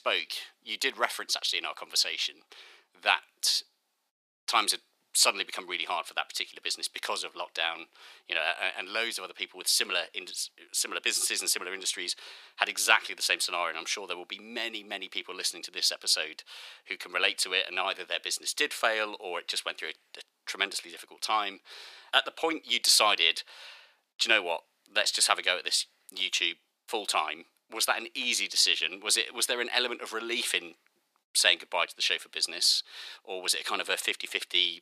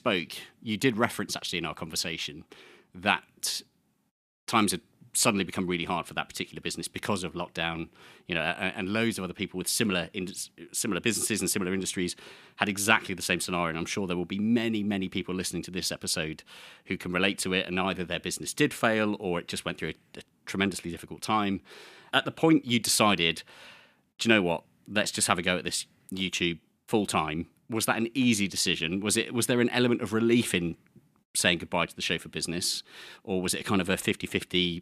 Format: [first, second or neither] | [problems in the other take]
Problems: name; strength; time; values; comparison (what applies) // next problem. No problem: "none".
second | thin; very; fading below 550 Hz